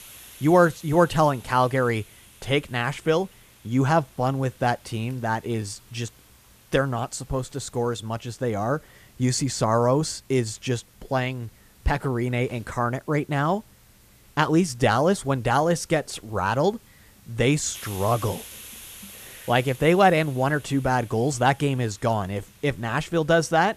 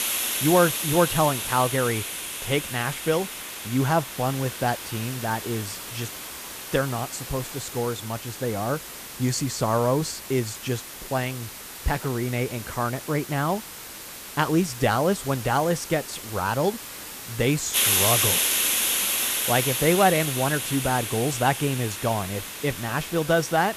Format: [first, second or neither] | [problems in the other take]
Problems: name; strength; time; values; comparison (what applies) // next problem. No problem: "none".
first | hiss; loud; throughout; 2 dB below the speech; faint in the first